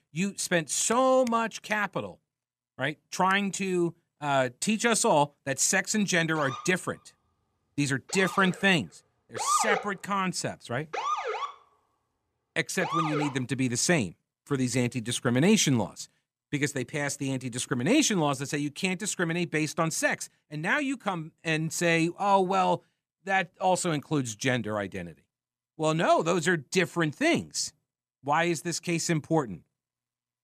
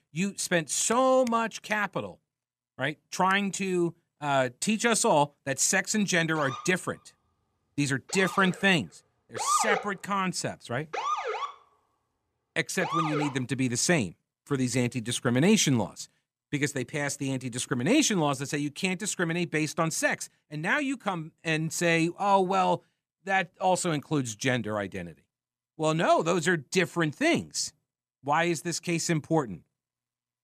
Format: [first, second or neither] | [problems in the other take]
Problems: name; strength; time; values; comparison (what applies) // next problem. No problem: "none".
neither | siren; loud; from 6.5 to 13 s; peak 1 dB above the speech; the same in both